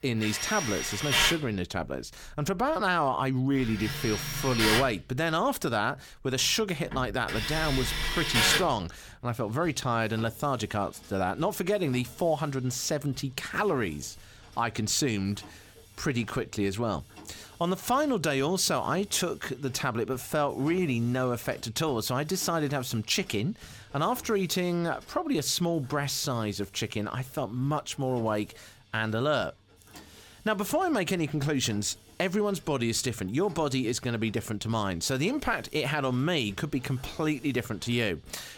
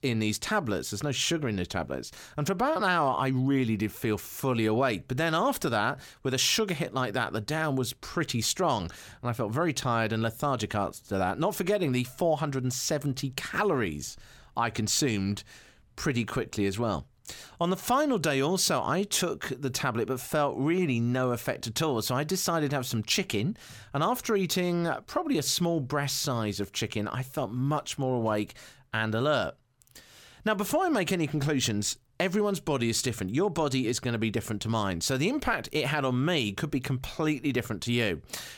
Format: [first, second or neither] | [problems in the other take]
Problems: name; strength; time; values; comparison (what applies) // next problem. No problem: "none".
second | machinery noise; loud; throughout; as loud as the speech